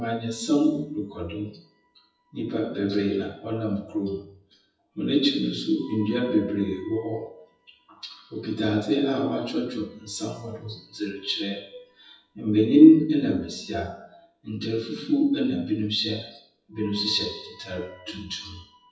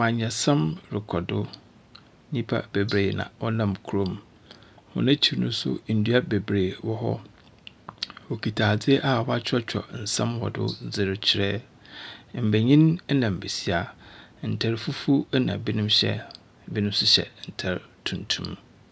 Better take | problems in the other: second | noise reduction (classical method WPE with log-MMSE)

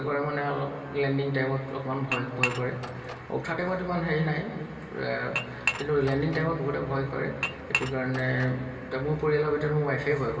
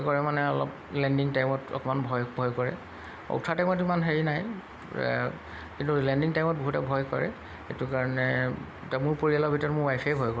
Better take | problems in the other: second | background sound (Dishes, pots, and pans / Chink, clink); 8 dB below the speech // room echo; dies away in 2.3 s

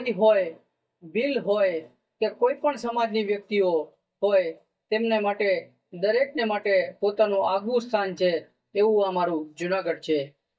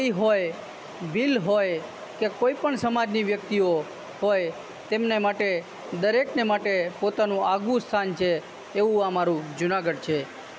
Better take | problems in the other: second | noise reduction (neural mask model DeepFilterNet 3)

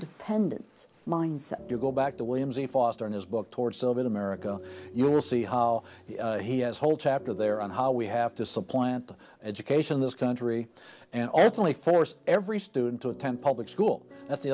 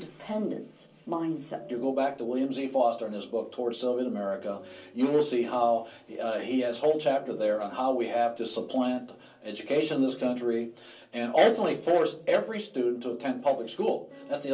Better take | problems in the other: first | room echo; dies away in 0.3 s

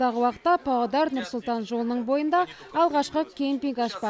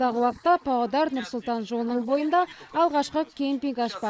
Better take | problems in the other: first | noise reduction (neural mask model Resemble Enhance denoiser)

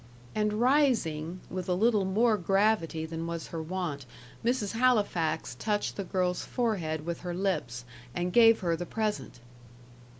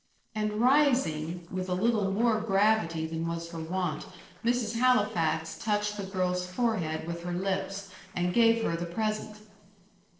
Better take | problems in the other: first | noise reduction (neural separator model SepFormer DNS4)

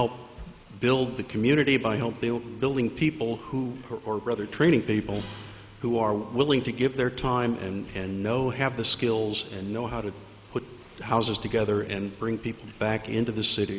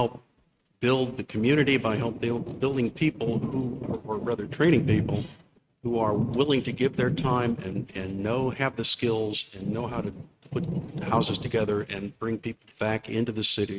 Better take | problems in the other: first | noise reduction (neural mask model RNNoise)

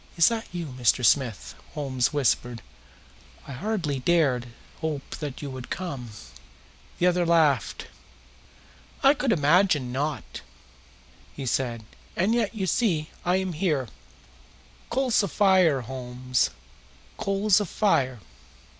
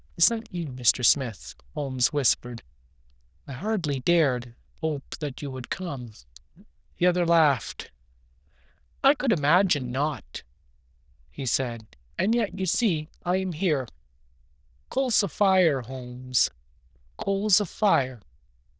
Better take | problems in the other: first | noise reduction (neural diffusion model UNIVERSE++)

